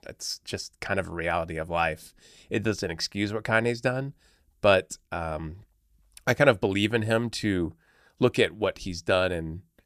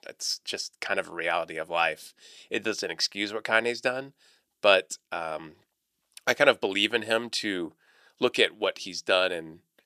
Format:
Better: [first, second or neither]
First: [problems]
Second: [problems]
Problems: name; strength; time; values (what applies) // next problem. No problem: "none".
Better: first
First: none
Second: thin; somewhat; fading below 350 Hz